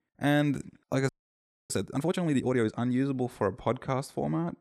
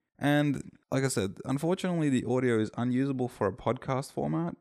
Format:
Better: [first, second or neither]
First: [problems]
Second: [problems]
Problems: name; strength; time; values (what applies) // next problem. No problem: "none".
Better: second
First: audio freezing; at 1 s for 0.5 s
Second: none